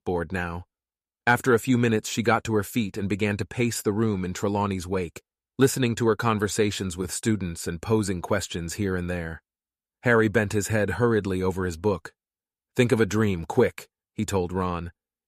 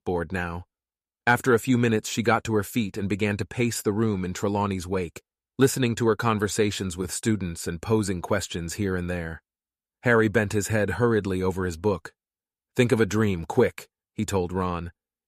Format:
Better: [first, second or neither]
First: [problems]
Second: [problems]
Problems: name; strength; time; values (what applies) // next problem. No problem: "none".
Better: neither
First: none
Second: none